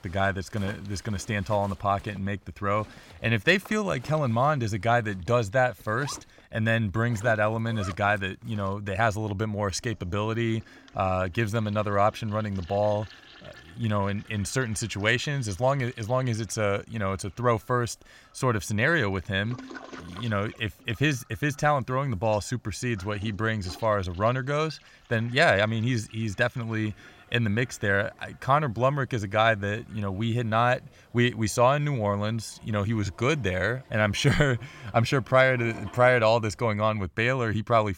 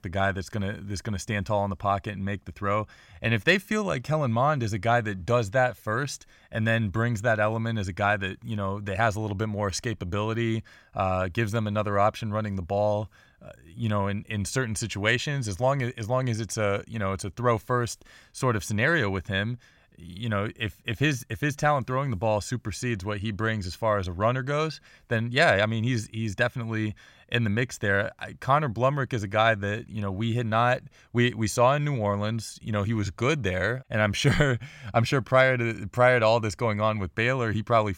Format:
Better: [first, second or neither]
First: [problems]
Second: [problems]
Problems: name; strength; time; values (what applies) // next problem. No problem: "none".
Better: second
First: household noises; faint; throughout; 25 dB below the speech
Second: none